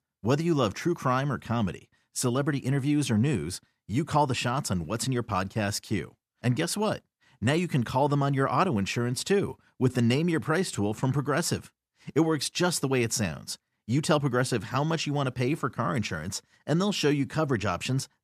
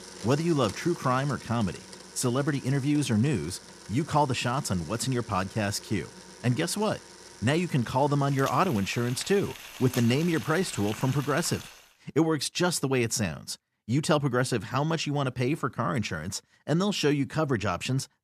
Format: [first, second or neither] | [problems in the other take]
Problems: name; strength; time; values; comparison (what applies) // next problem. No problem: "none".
first | household noises; noticeable; until 12 s; 15 dB below the speech